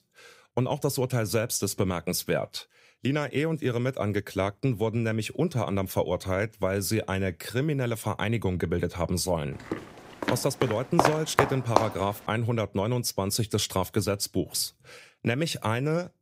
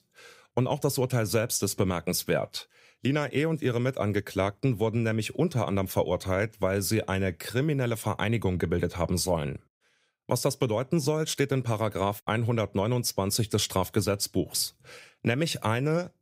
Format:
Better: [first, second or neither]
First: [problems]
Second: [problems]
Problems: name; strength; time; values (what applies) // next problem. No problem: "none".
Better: second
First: footsteps; loud; from 9.5 to 12 s; peak 4 dB above the speech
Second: none